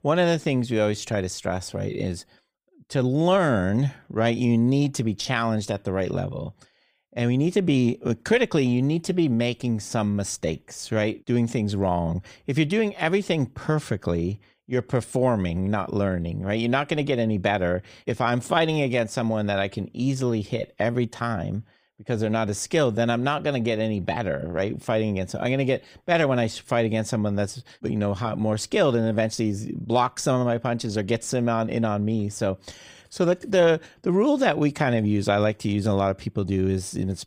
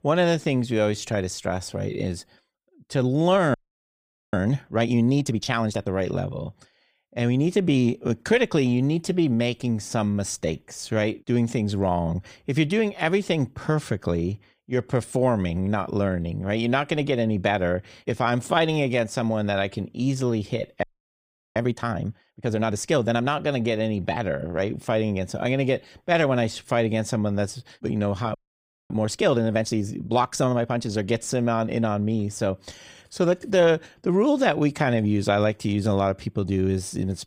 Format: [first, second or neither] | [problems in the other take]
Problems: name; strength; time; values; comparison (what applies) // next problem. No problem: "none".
first | audio freezing; at 3.5 s for 1 s, at 21 s for 0.5 s and at 28 s for 0.5 s